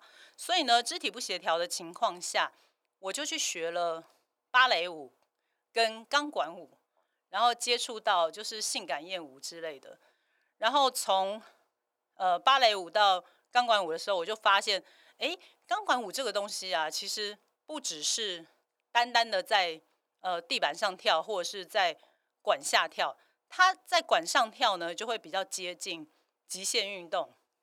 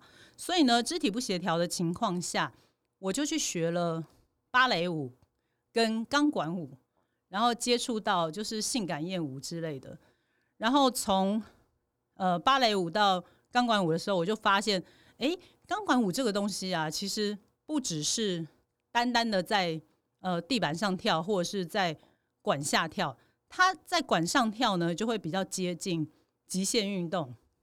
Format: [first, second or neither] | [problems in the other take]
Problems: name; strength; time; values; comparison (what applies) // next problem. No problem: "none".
second | thin; very; fading below 650 Hz